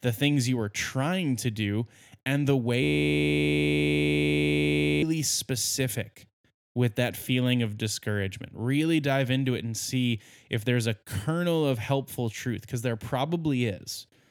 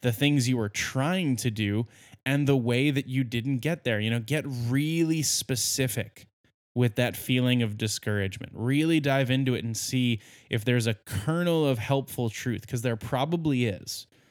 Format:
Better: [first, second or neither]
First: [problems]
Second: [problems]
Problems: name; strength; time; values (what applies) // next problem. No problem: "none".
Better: second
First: audio freezing; at 3 s for 2 s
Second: none